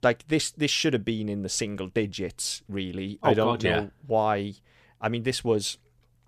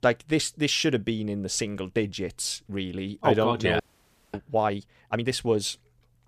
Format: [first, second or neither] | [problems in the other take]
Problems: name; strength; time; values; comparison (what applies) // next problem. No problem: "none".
first | audio freezing; at 4 s for 0.5 s